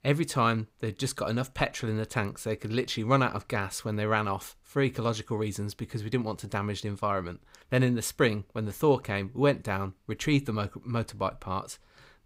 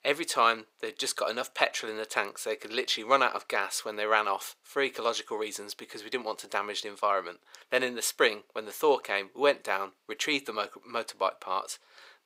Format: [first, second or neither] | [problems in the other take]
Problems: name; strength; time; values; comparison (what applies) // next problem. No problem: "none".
first | thin; very; fading below 450 Hz